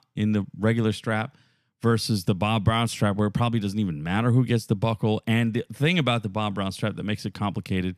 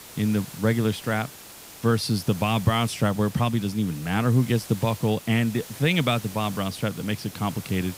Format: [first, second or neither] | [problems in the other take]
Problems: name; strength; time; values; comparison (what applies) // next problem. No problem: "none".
first | hiss; noticeable; throughout; 15 dB below the speech